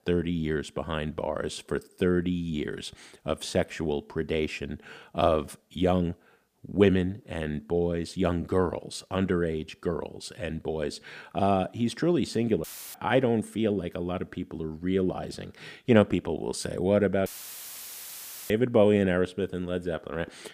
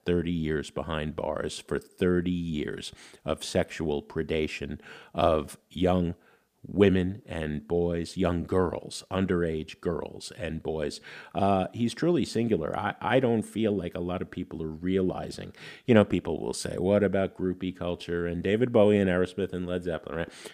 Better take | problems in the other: second | audio cutting out; filled with static; at 13 s and at 17 s for 1 s

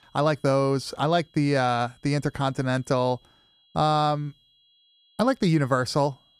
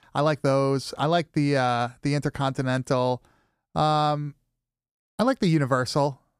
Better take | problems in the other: second | high-pitched whine; faint; throughout; 3.5 kHz, 35 dB below the speech

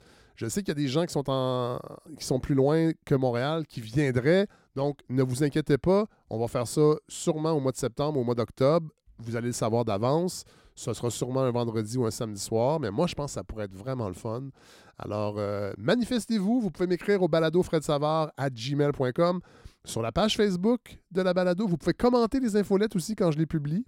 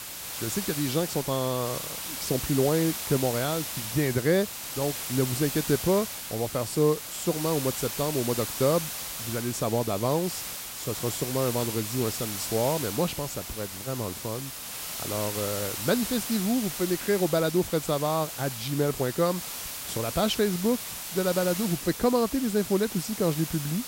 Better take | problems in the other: first | hiss; loud; throughout; 5 dB below the speech

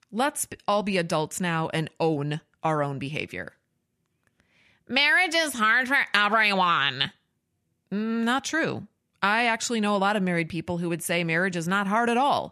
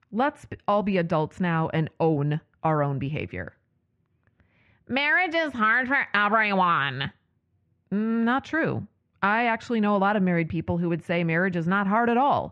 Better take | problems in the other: first | muffled; very; fading above 2 kHz

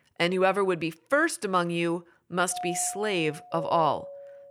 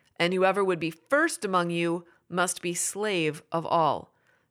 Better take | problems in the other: second | doorbell; noticeable; from 2.5 s on; peak 8 dB below the speech

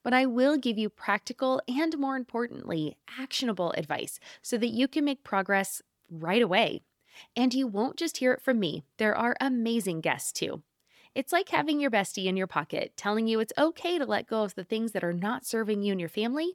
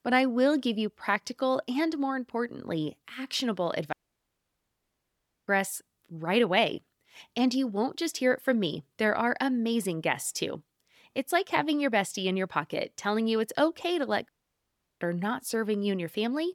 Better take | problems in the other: first | audio cutting out; at 4 s for 1.5 s and at 14 s for 0.5 s

